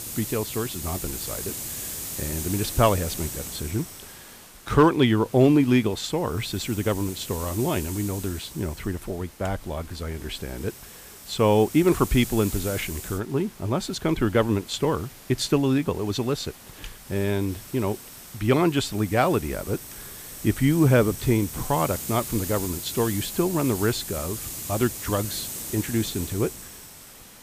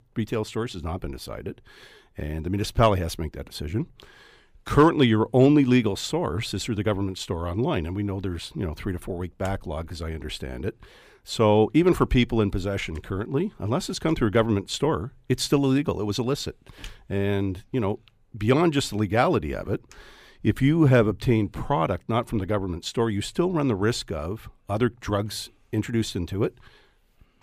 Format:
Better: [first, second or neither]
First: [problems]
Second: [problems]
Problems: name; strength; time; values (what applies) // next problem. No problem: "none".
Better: second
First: hiss; loud; throughout; 10 dB below the speech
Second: none